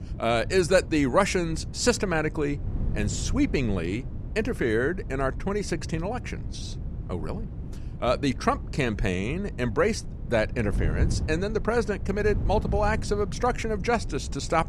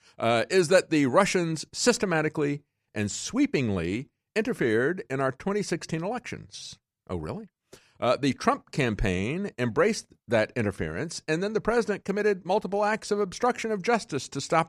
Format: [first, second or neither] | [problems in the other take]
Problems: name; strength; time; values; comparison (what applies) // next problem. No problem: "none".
second | wind noise on the microphone; occasional gusts; 20 dB below the speech